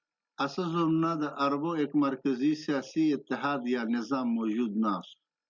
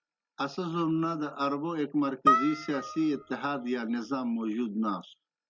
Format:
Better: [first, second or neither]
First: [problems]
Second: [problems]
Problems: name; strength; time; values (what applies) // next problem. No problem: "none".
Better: first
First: none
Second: background sound (Harp); as loud as the speech